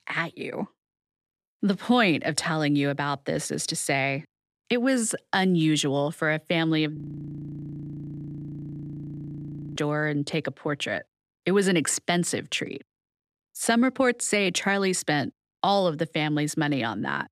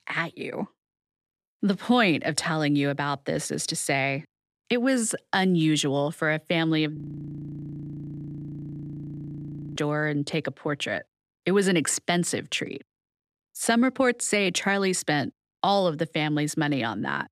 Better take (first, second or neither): neither